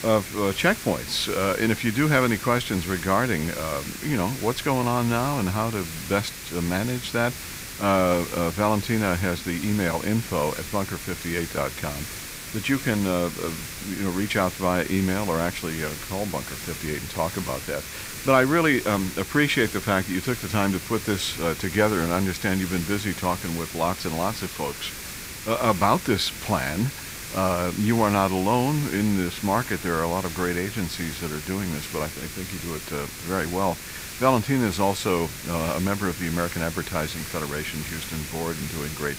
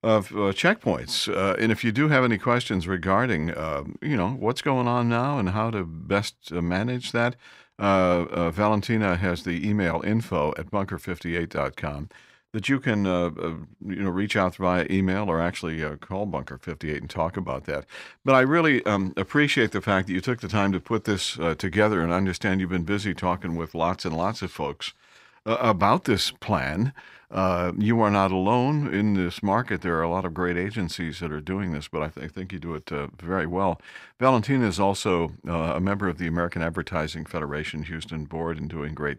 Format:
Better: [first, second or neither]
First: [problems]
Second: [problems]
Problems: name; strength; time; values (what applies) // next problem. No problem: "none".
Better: second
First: hiss; loud; throughout; 9 dB below the speech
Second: none